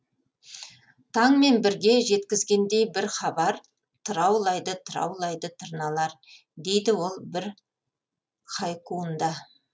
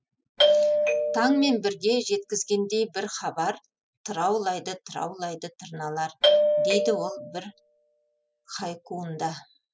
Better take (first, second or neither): first